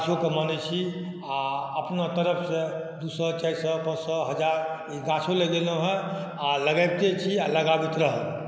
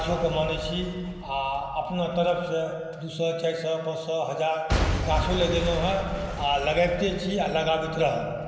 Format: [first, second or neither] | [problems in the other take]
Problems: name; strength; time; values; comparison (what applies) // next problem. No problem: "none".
first | background sound (Shatter / Crushing / Boom); 7 dB below the speech // room echo; dies away in 0.9 s